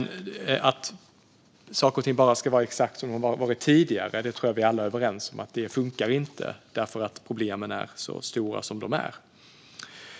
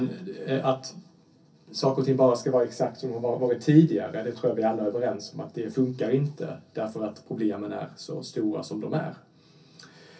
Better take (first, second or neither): first